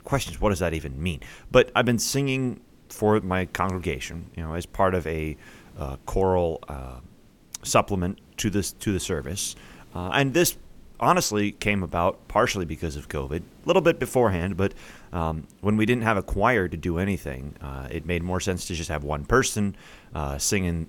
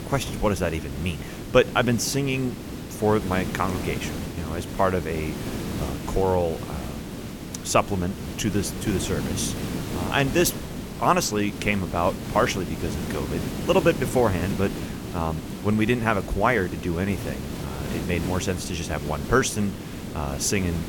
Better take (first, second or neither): first